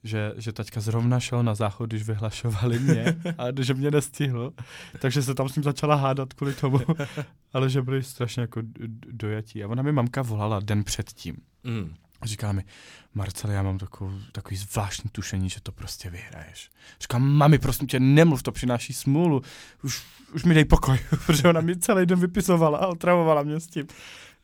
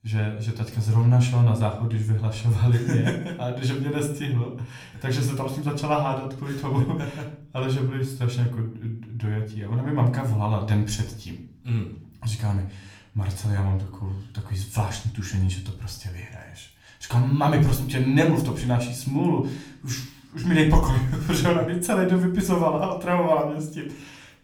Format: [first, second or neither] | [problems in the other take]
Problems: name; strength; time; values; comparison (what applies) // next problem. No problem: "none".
first | room echo; slight; dies away in 0.5 s // off-mic speech; somewhat distant